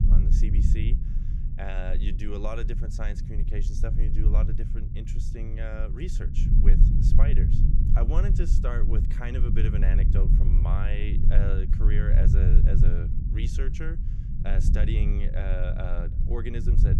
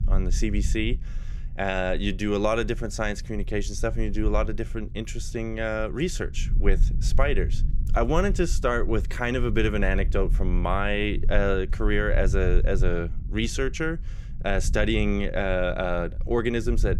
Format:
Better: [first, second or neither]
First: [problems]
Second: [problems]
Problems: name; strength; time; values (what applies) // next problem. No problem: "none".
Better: second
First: low rumble; loud; throughout; 3 dB below the speech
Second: low rumble; faint; throughout; 20 dB below the speech